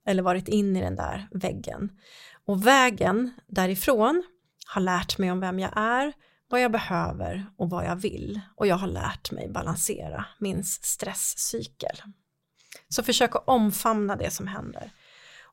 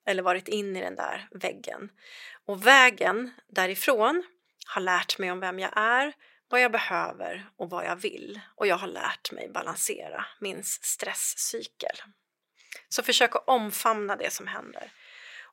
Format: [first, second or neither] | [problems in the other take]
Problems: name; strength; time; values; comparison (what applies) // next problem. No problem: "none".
first | thin; somewhat; fading below 300 Hz